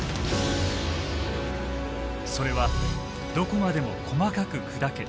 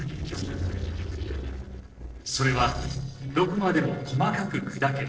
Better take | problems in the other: first | noise reduction (neural separator model SepFormer DNS4)

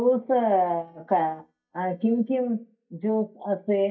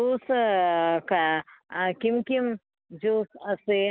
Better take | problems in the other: second | noise reduction (neural mask model DeepFilterNet 3)

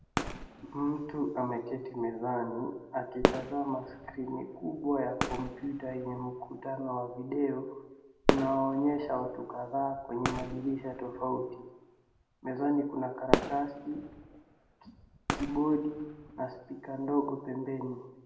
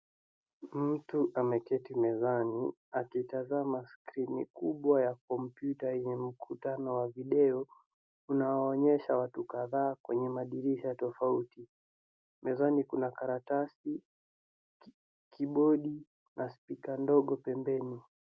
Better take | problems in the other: second | background sound (Fireworks); 4 dB below the speech // room echo; dies away in 0.8 s

